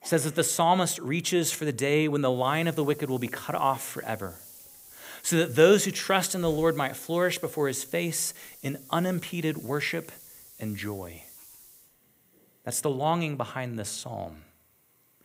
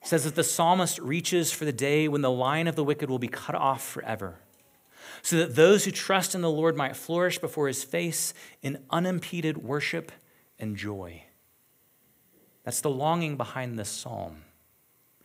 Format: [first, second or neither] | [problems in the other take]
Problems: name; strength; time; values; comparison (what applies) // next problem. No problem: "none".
second | hiss; noticeable; from 2.5 to 12 s; 20 dB below the speech